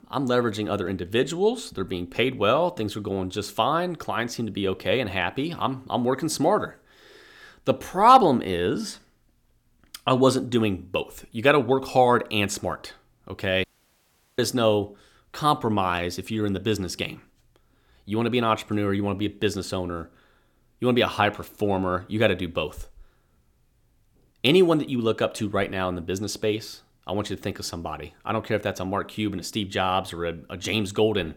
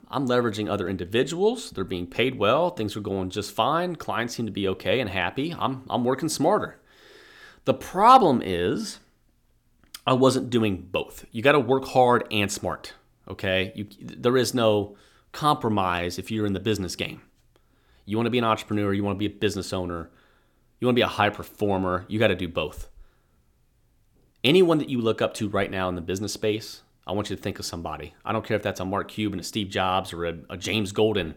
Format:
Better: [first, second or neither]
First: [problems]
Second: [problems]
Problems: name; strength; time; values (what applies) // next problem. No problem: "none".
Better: second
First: audio cutting out; at 14 s for 0.5 s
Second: none